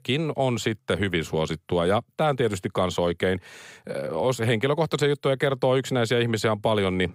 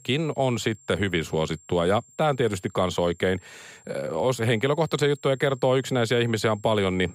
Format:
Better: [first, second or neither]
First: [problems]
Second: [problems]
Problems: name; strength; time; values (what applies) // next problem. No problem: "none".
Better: first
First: none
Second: high-pitched whine; faint; throughout; 7.5 kHz, 25 dB below the speech